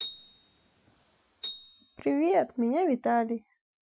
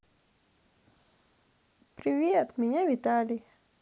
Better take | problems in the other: second | noise reduction (classical method Wiener filter)

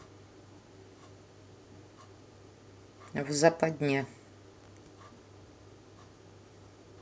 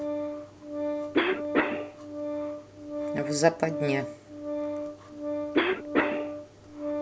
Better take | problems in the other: first | background sound (Cough + Organ); 4 dB above the speech

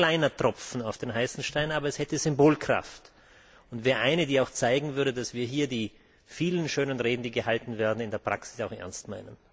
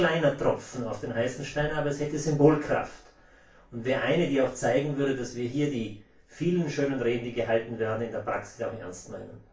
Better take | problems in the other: first | room echo; dies away in 0.3 s

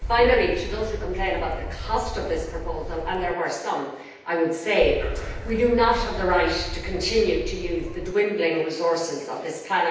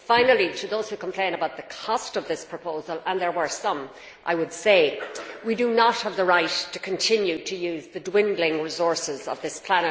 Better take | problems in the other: second | background sound (Gull, seagull / Wind); 7 dB below the speech // room echo; dies away in 0.9 s

